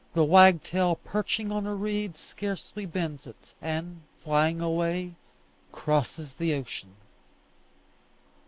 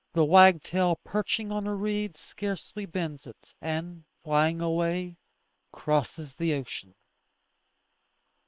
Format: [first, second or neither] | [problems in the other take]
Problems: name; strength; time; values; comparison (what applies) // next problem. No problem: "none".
first | noise reduction (neural separator model SepFormer WHAM!)